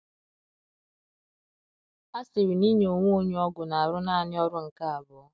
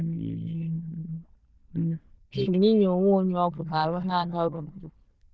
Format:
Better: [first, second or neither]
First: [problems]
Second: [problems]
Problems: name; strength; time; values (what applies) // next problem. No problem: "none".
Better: first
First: none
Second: noise reduction (neural diffusion model UNIVERSE++)